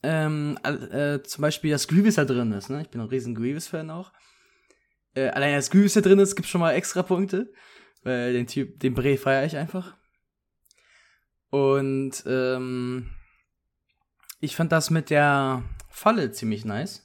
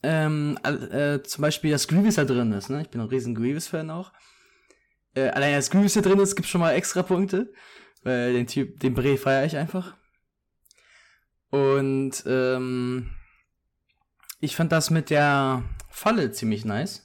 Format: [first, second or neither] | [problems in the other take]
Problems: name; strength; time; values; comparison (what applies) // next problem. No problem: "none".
first | distortion; slight; 10 dB below the speech